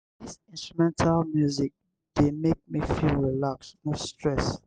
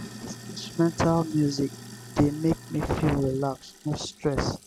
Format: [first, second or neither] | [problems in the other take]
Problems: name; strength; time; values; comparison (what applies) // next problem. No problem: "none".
first | background sound (Sink (filling or washing)); 16 dB below the speech